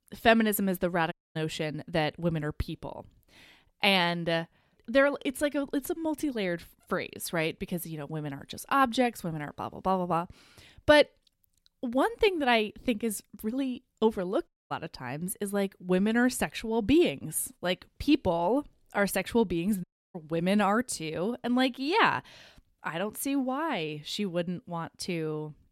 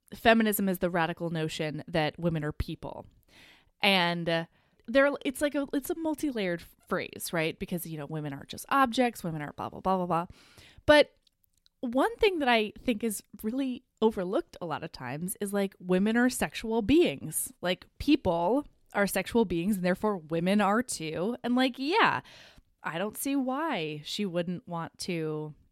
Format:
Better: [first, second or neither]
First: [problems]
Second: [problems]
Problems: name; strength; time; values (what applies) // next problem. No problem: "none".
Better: second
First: audio cutting out; at 1 s, at 14 s and at 20 s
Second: none